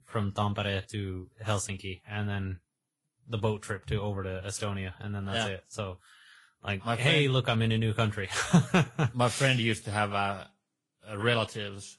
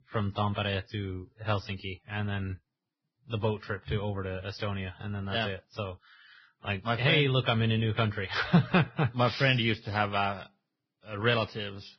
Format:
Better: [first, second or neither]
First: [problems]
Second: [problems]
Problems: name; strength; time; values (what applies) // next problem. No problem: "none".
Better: first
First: garbled, watery; slightly; nothing above 11 kHz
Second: garbled, watery; badly; nothing above 5.5 kHz